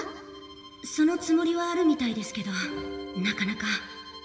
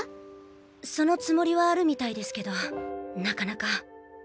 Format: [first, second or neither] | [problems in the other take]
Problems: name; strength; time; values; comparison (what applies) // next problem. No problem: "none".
second | background sound (Bowed string instrument); 19 dB below the speech // room echo; dies away in 1.4 s